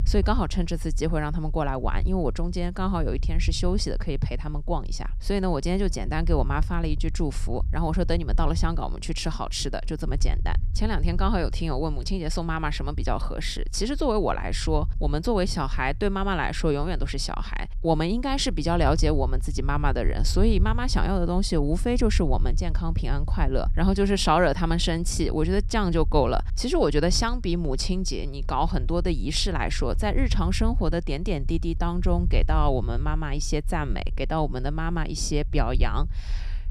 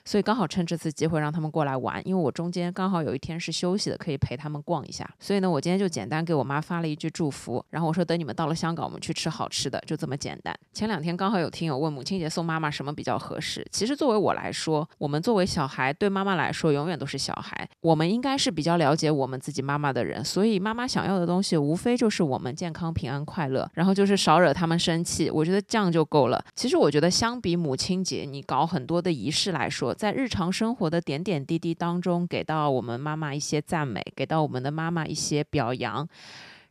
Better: second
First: low rumble; faint; throughout; 20 dB below the speech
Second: none

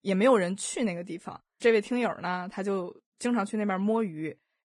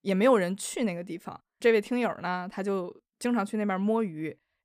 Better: second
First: garbled, watery; badly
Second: none

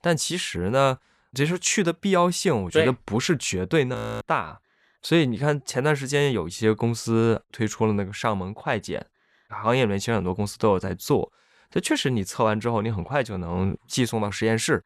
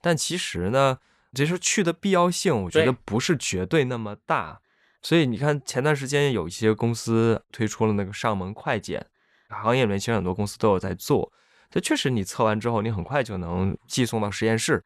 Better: second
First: audio freezing; at 4 s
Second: none

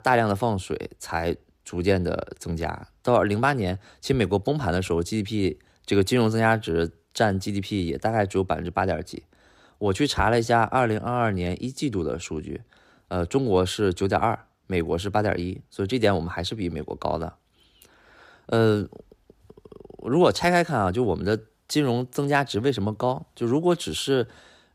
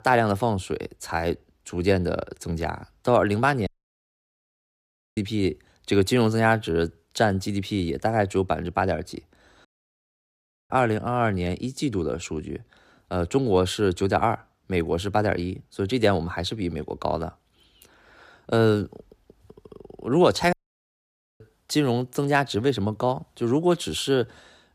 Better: first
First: none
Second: audio cutting out; at 3.5 s for 1.5 s, at 9.5 s for 1 s and at 21 s for 1 s

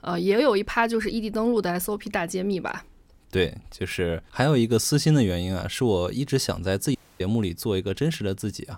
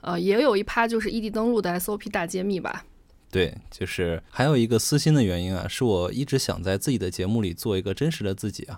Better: second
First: audio cutting out; at 7 s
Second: none

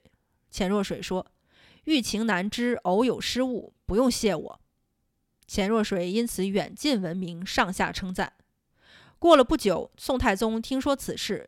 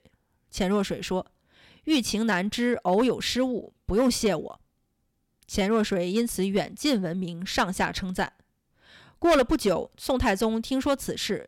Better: first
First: none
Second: distortion; slight; 2% of the sound clipped

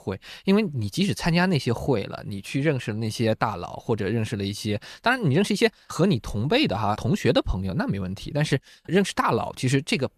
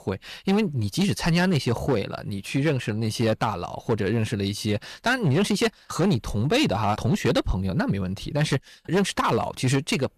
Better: first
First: none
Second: distortion; slight; 7% of the sound clipped

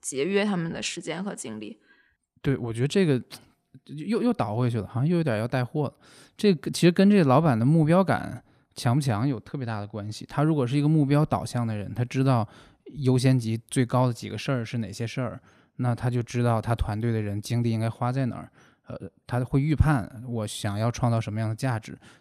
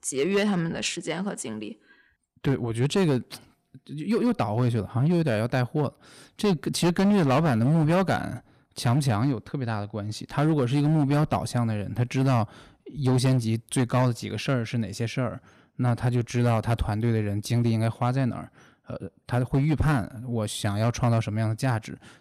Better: first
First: none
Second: distortion; slight; 8% of the sound clipped

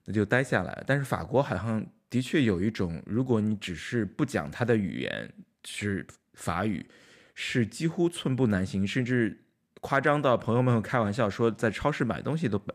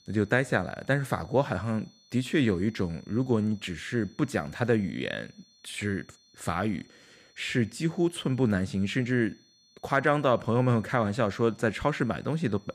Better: first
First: none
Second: high-pitched whine; faint; throughout; 4.5 kHz, 30 dB below the speech

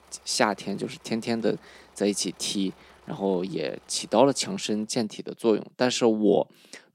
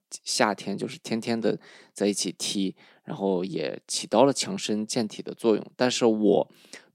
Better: second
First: machinery noise; faint; throughout; 30 dB below the speech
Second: none

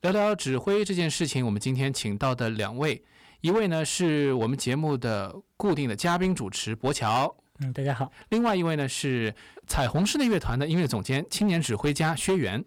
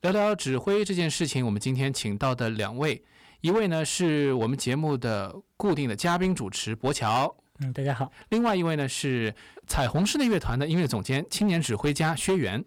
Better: neither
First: distortion; slight; 7% of the sound clipped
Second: distortion; slight; 7% of the sound clipped

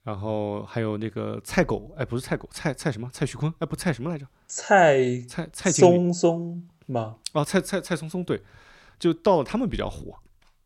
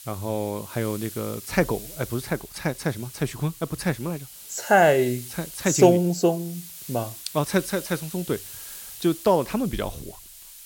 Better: first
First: none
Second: hiss; noticeable; throughout; 15 dB below the speech

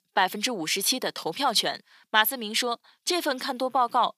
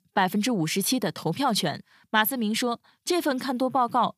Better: second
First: thin; somewhat; fading below 400 Hz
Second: none

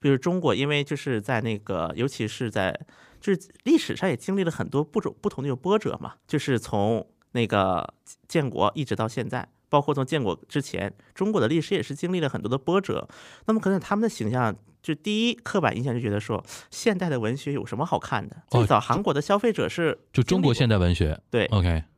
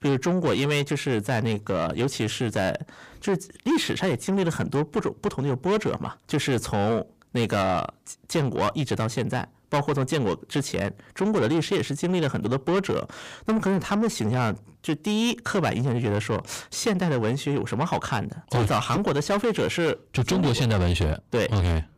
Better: first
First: none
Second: distortion; heavy; 8 dB below the speech

